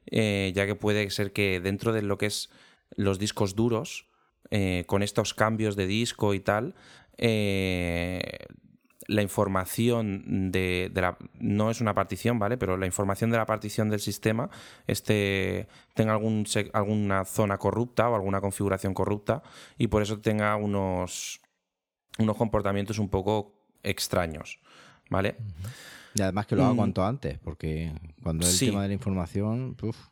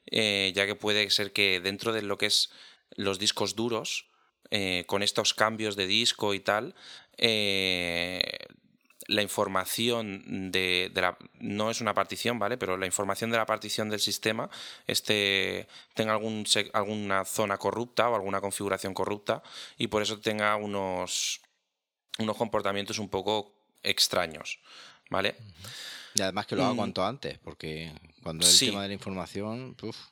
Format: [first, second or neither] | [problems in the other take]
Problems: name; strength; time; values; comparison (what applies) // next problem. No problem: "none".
first | thin; very slightly; fading below 450 Hz